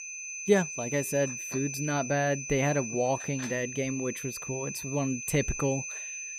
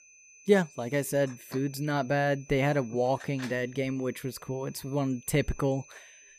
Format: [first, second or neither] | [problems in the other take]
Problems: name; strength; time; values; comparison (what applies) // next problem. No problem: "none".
second | high-pitched whine; loud; throughout; 6 kHz, 6 dB below the speech; faint in the second